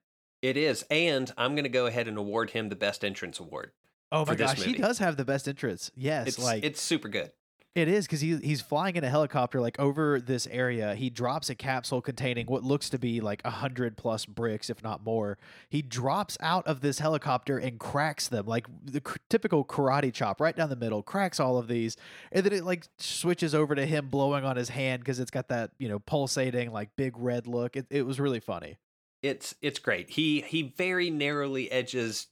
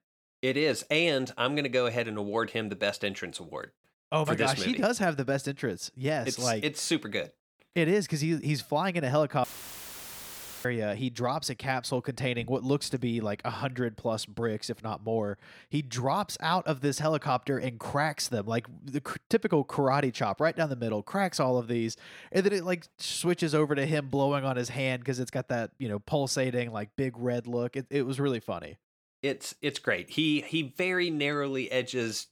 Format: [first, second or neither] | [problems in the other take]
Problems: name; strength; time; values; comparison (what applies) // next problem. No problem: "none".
first | audio cutting out; filled with static; at 9.5 s for 1 s